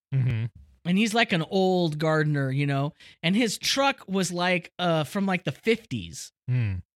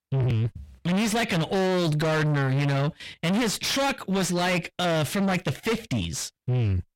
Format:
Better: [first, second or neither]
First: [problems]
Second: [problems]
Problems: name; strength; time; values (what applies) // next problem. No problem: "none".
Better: first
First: none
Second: distortion; heavy; 5 dB below the speech